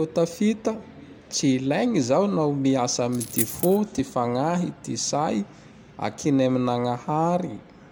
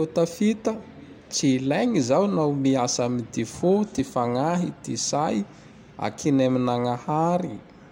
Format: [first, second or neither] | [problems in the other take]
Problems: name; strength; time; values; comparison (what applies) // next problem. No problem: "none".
second | background sound (Coin (dropping)); 7 dB below the speech